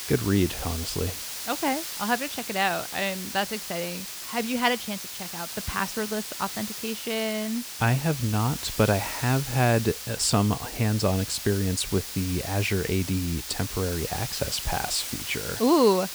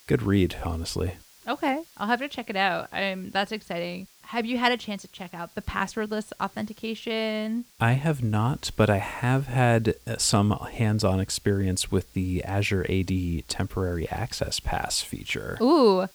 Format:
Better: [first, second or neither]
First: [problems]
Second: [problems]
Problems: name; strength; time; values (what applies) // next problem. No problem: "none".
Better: second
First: hiss; loud; throughout; 6 dB below the speech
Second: hiss; faint; throughout; 25 dB below the speech